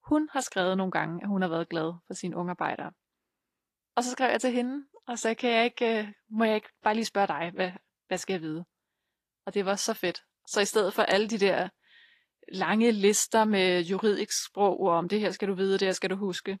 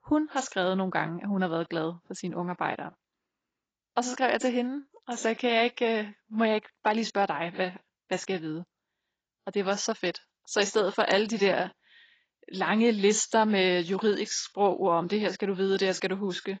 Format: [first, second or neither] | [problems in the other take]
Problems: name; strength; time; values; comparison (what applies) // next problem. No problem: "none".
first | garbled, watery; badly; nothing above 7.5 kHz; slightly in the first